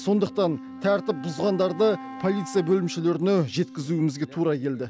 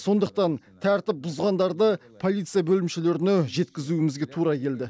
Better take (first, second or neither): second